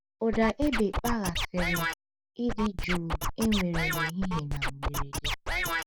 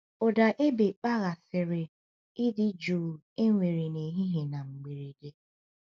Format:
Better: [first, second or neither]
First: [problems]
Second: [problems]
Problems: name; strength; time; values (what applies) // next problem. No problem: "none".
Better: second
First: background sound (Scratching (performance technique)); as loud as the speech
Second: none